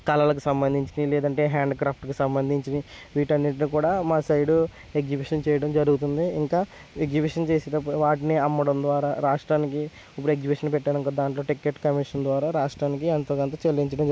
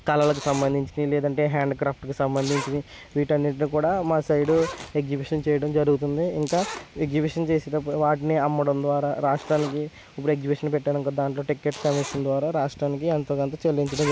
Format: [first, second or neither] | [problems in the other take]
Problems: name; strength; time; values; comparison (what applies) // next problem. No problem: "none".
first | background sound (Zipper (clothing)); 17 dB below the speech